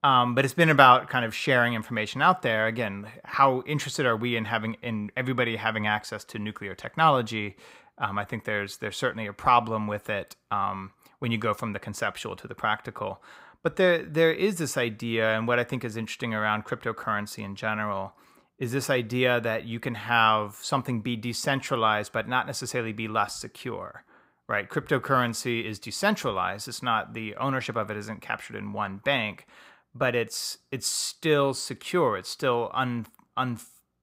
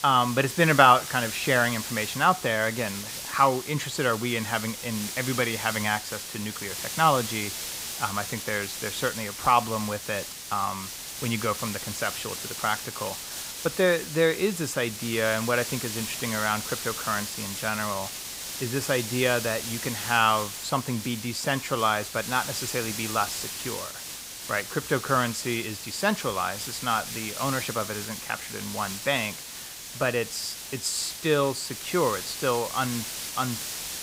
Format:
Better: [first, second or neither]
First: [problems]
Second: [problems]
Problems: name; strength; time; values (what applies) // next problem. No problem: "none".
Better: first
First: none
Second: hiss; loud; throughout; 6 dB below the speech